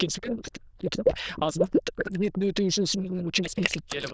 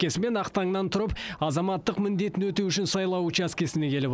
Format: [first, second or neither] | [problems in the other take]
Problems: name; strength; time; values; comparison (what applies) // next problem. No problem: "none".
second | noise reduction (neural diffusion model UNIVERSE++)